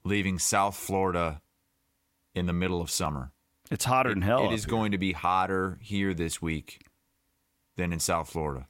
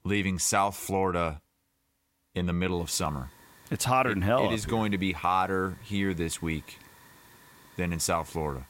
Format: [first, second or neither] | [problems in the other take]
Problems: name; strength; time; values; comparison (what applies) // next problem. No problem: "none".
first | hiss; faint; from 3 s on; 25 dB below the speech